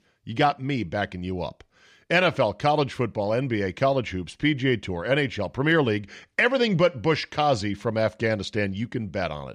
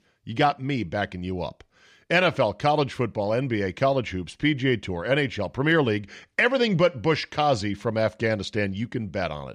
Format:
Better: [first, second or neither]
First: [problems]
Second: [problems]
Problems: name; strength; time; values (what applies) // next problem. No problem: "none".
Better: neither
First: none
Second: none